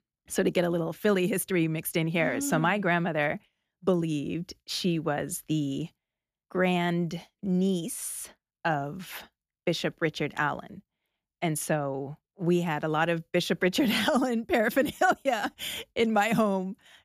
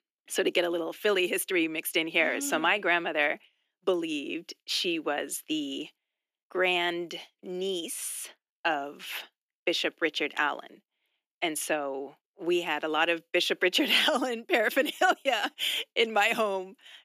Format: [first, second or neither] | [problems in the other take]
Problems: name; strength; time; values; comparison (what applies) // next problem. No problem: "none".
first | thin; somewhat; fading below 300 Hz